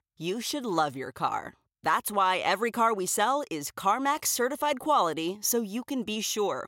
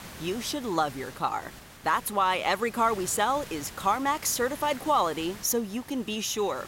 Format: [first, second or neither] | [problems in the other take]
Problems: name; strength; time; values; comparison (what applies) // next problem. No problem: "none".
first | hiss; noticeable; throughout; 15 dB below the speech